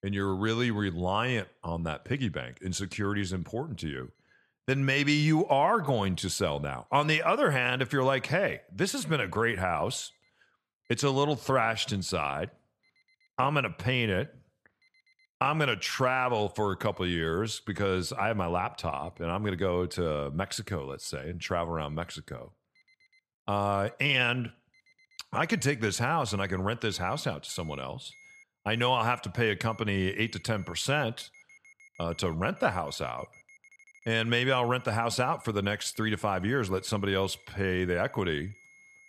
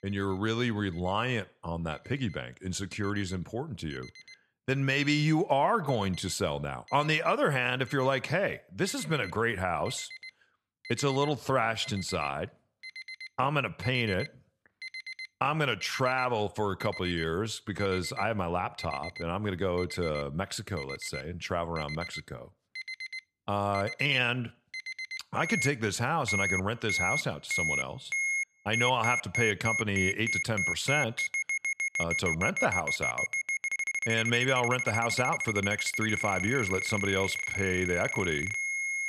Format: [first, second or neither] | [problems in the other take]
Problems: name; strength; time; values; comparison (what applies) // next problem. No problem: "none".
first | alarms or sirens; loud; throughout; 2 dB below the speech; faint in the first